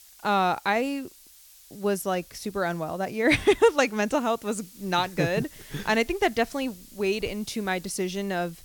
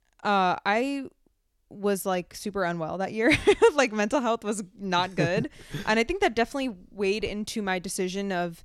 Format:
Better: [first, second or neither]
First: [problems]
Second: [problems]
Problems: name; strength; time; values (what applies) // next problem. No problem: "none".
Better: second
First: hiss; faint; throughout; 20 dB below the speech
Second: none